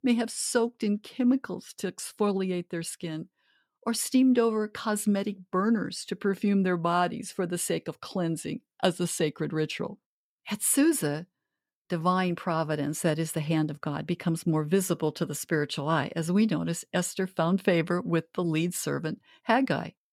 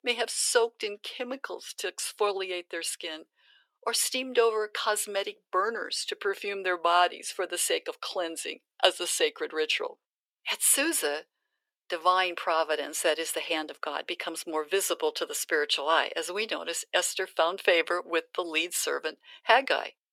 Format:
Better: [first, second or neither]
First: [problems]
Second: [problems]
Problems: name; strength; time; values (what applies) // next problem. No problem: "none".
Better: first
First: none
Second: thin; very; fading below 400 Hz